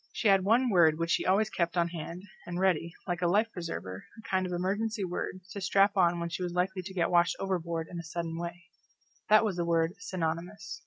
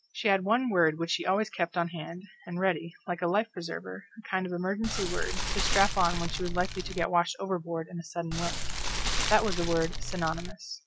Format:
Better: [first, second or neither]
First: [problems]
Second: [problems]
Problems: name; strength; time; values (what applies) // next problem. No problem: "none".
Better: first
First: none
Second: background sound (Fire); as loud as the speech